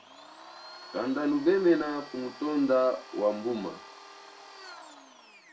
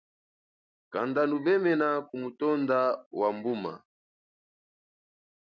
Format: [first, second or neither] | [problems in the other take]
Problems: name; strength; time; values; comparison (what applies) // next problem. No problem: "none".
second | background sound (Domestic sounds, home sounds); 18 dB below the speech // room echo; dies away in 0.2 s